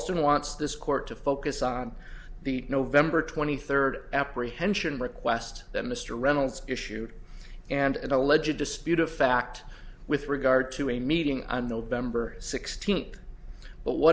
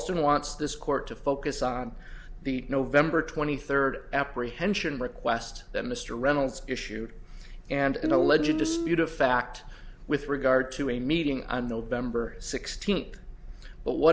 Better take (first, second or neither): first